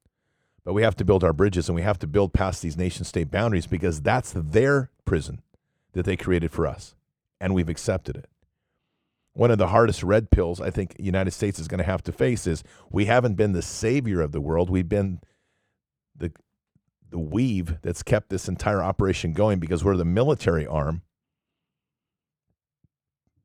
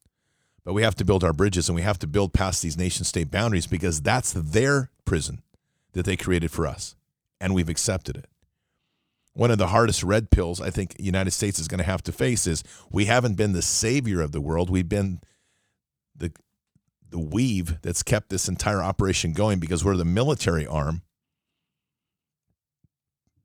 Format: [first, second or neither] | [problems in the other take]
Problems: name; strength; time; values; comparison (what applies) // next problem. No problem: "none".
second | muffled; slightly; fading above 3.5 kHz